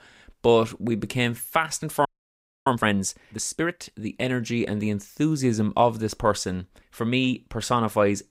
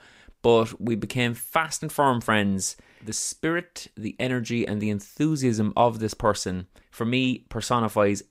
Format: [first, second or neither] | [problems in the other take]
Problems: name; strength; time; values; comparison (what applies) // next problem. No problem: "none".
second | audio freezing; at 2 s for 0.5 s